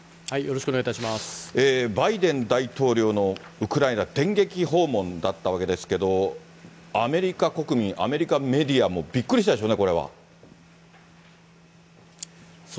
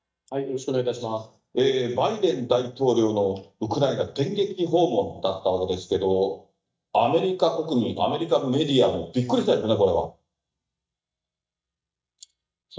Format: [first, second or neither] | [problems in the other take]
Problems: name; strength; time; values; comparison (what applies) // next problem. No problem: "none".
first | noise reduction (neural mask model DeepFilterNet 3)